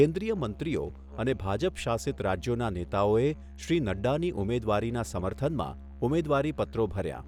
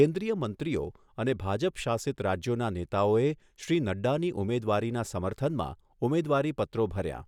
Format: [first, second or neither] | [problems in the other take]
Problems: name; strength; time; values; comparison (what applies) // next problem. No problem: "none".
second | background sound (Musical instrument); 15 dB below the speech